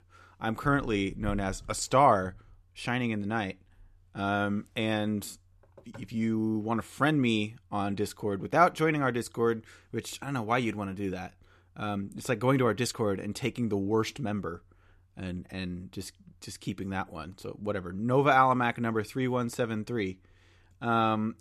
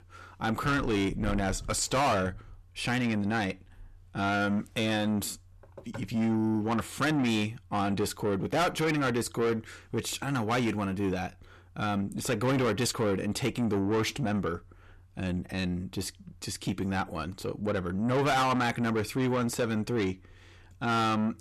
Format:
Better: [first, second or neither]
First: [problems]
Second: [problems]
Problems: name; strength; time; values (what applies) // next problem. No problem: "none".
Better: first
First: none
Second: distortion; heavy; 6 dB below the speech